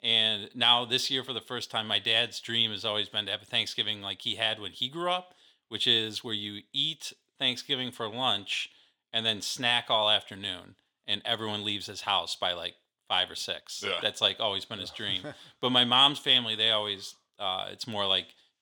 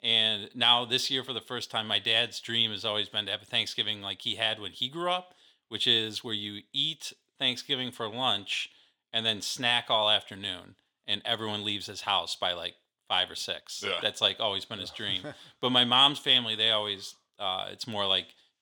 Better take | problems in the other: neither | thin; somewhat; fading below 1 kHz; the same in both

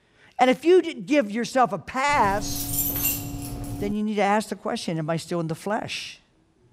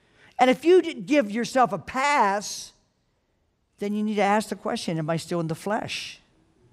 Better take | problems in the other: second | jangling keys; loud; from 2 to 4 s; peak 2 dB above the speech

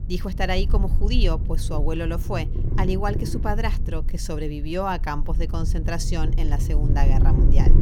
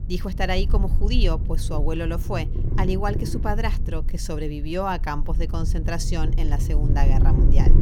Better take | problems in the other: neither | low rumble; loud; throughout; 9 dB below the speech; the same in both

